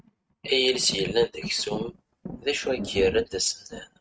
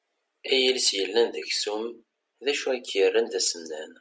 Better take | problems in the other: second | noise reduction (neural mask model RNNoise)

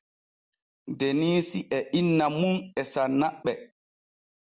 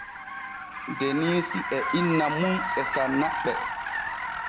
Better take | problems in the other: first | background sound (Car); 2 dB below the speech

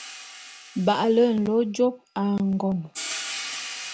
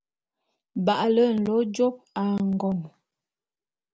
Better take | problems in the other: second | background sound (Hi-hat); 12 dB below the speech

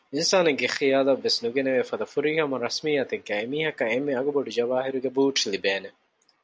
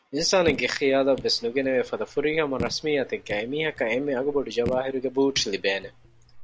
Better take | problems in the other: first | background sound (Raindrop / Drip); 15 dB below the speech

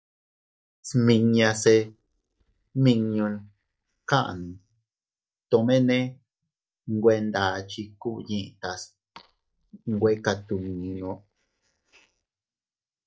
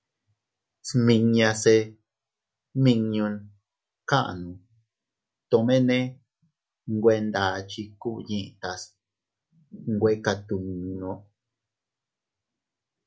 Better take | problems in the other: second | noise reduction (neural mask model DeepFilterNet 3)

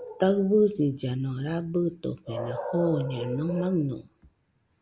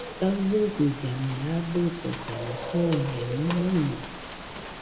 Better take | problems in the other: first | background sound (Rain); 11 dB below the speech // room echo; dies away in 0.8 s

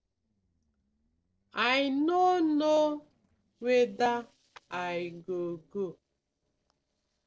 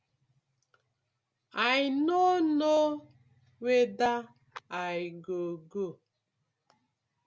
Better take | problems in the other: second | noise reduction (neural separator model SepFormer DNS4)

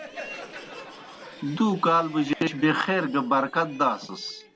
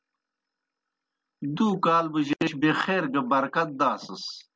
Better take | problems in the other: second | background sound (Crowd); 17 dB below the speech

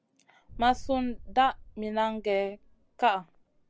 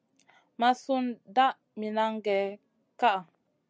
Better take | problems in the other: second | background sound (Boom); 15 dB below the speech

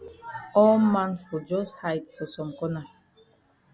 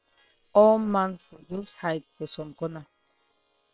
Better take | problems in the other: first | noise reduction (neural separator model SepFormer WHAM!)

